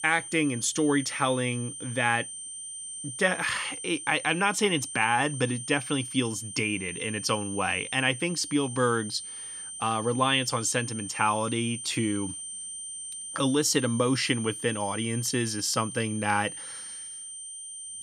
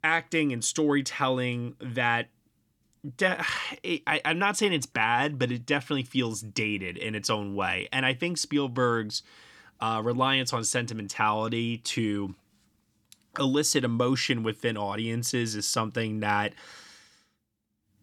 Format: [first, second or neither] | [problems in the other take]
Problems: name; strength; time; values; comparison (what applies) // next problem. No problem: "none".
second | high-pitched whine; loud; throughout; 9 kHz, 9 dB below the speech